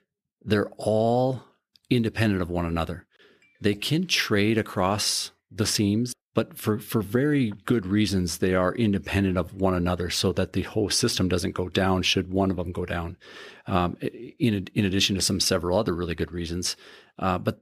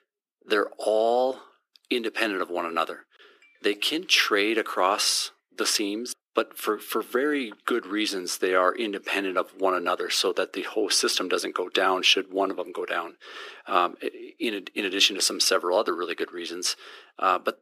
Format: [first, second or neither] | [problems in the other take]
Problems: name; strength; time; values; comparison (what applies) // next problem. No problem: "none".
first | thin; somewhat; fading below 300 Hz